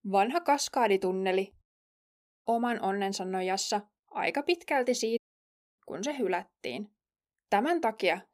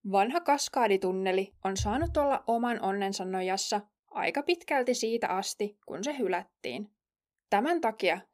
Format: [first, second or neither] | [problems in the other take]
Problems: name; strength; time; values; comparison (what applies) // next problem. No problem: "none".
second | audio cutting out; at 1.5 s for 1 s and at 5 s for 0.5 s